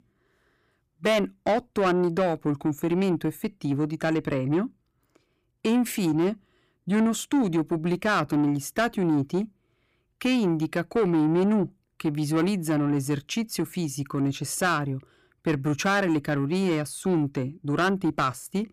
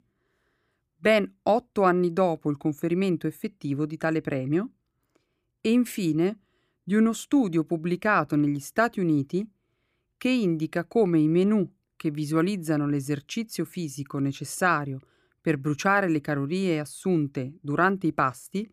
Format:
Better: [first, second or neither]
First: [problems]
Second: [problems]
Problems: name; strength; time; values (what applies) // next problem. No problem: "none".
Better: second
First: distortion; slight; 10 dB below the speech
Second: none